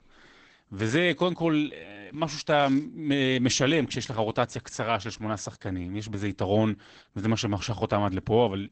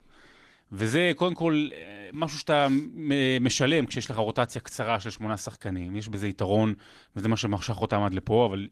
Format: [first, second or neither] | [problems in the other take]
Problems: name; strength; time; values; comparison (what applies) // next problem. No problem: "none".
second | garbled, watery; badly; nothing above 7.5 kHz; slightly in the second